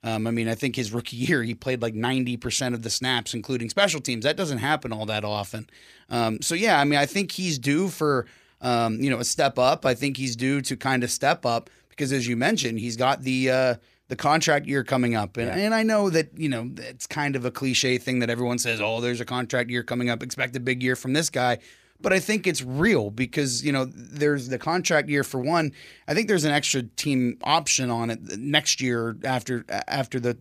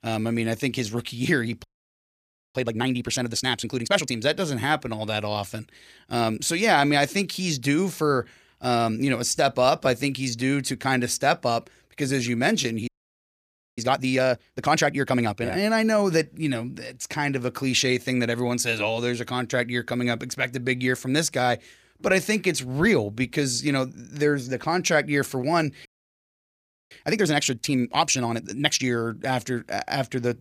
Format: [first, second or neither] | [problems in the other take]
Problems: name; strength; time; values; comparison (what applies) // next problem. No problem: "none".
first | audio freezing; at 1.5 s for 1 s, at 13 s for 1 s and at 26 s for 1 s